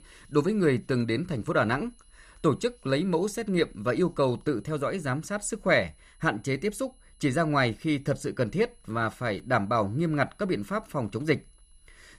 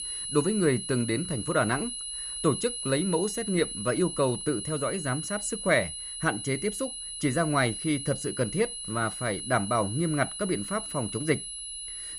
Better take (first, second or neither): first